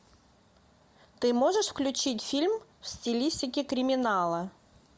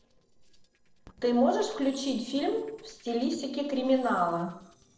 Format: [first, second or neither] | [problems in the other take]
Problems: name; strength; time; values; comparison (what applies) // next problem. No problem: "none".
first | noise reduction (neural separator model SepFormer DNS4)